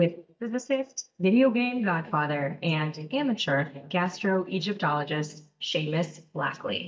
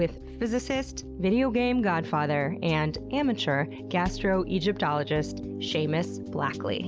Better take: second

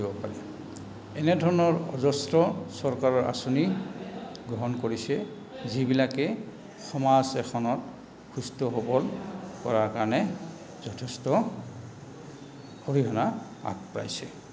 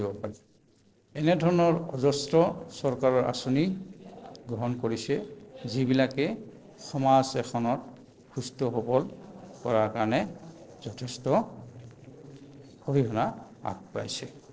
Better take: first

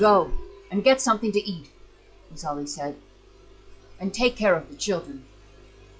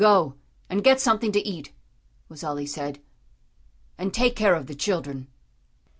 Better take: second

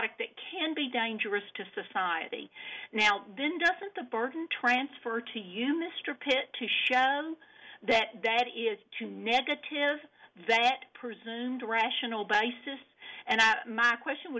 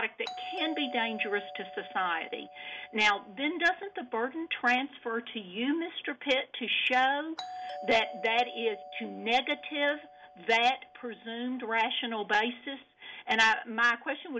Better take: first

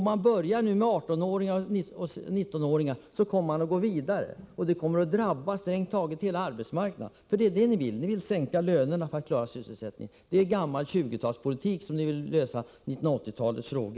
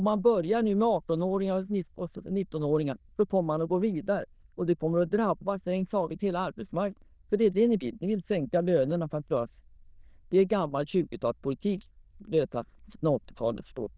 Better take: first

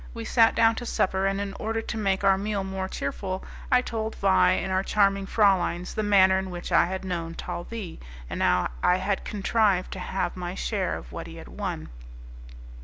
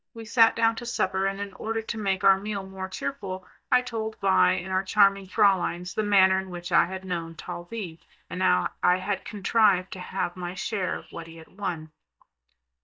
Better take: first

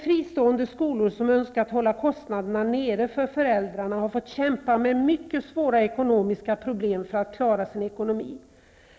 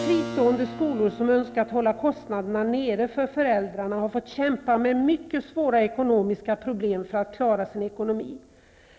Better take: first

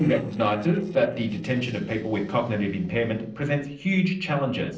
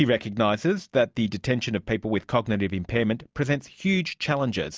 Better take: second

